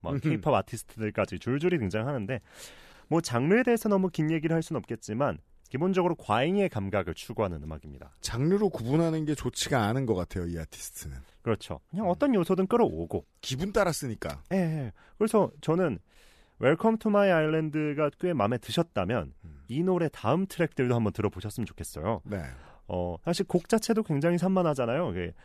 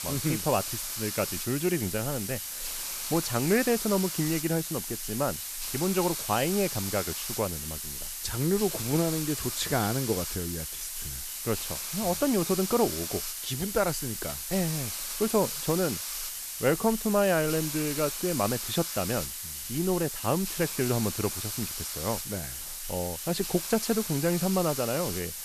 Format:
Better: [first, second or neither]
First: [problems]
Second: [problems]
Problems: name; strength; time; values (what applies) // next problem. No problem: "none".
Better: first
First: none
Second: hiss; loud; throughout; 3 dB below the speech